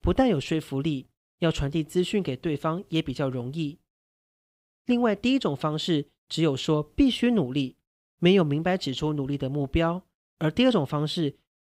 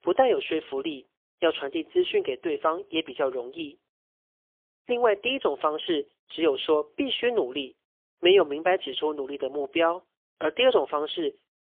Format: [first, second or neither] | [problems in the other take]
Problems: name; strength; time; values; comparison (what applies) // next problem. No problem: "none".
first | phone-call audio; poor line; nothing above 3.5 kHz